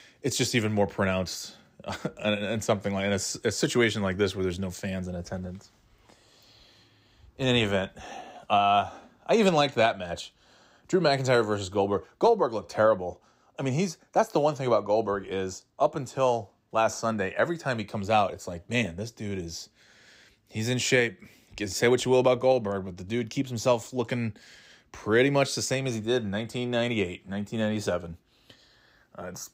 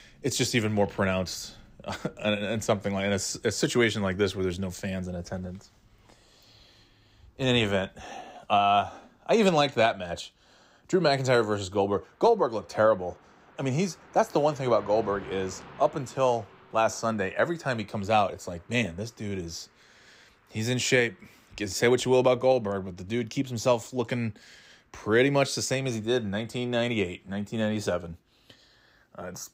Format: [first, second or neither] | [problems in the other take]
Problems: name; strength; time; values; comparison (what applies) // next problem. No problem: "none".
first | traffic noise; faint; throughout; 25 dB below the speech